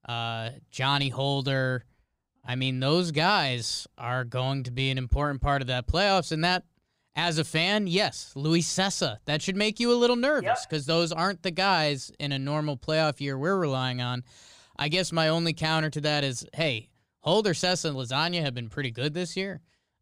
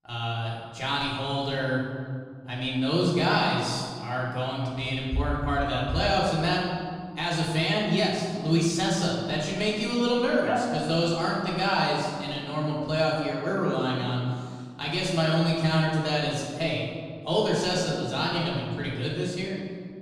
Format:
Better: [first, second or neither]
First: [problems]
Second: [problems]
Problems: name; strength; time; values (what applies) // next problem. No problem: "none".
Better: first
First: none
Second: room echo; noticeable; dies away in 1.8 s // off-mic speech; far